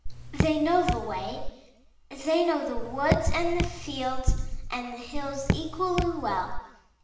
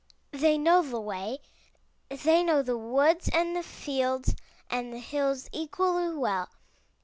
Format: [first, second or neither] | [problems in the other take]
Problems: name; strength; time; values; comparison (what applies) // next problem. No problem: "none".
second | background sound (Raindrop / Drip); 2 dB below the speech // room echo; dies away in 1 s